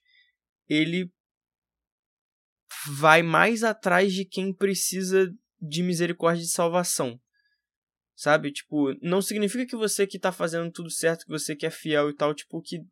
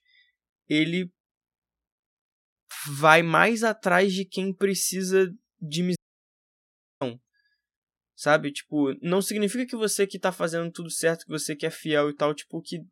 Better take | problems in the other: first | audio cutting out; at 6 s for 1 s

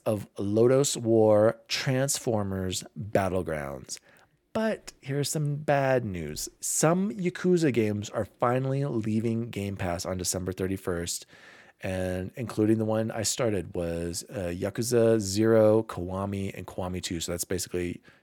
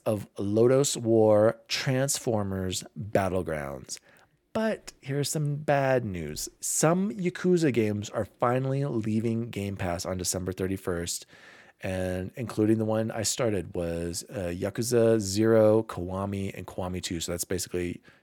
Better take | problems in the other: neither | none

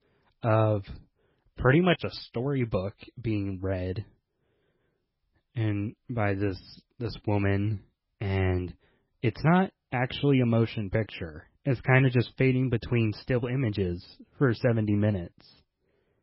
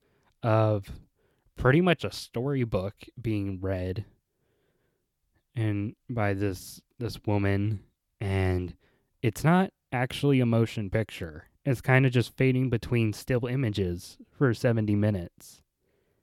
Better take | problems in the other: second | garbled, watery; badly; nothing above 5.5 kHz

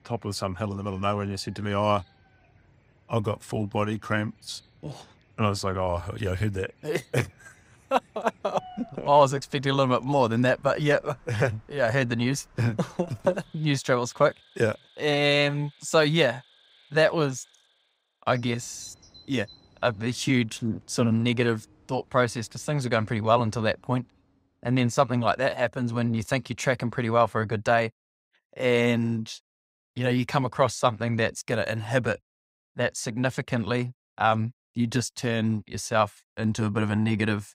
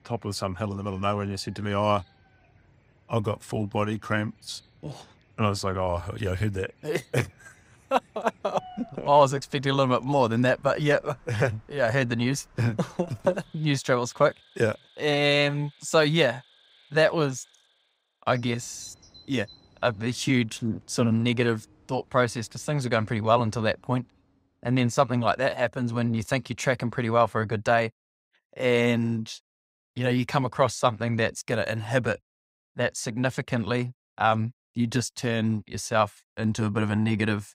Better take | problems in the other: neither | animal sounds; faint; until 24 s; 30 dB below the speech; the same in both

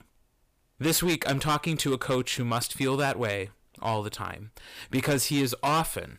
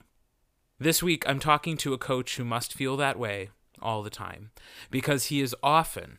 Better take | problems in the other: second | distortion; heavy; 7% of the sound clipped

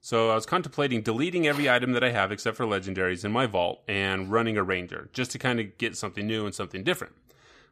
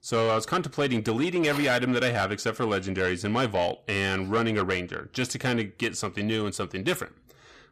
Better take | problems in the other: first | distortion; slight; 10 dB below the speech

